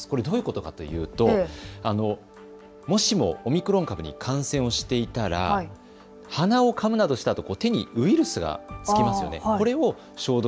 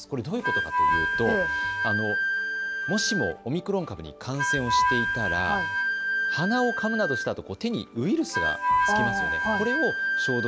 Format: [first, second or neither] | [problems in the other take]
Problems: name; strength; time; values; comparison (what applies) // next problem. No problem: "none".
first | background sound (Wind instrument, woodwind instrument); 2 dB above the speech